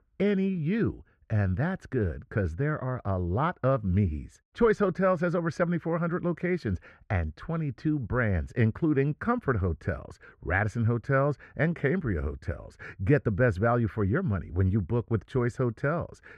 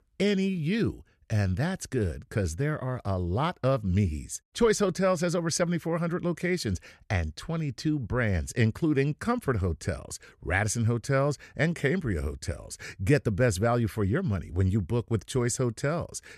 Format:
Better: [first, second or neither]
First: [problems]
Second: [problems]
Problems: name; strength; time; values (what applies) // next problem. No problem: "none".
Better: second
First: muffled; very; fading above 3.5 kHz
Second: none